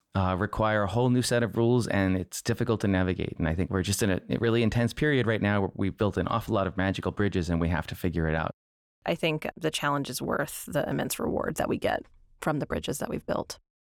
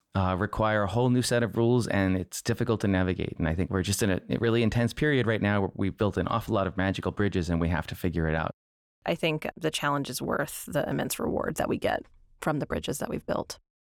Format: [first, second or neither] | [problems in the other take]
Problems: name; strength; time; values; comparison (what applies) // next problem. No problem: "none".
neither | none